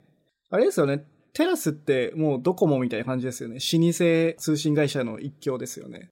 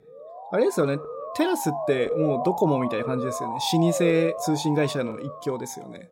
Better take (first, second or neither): first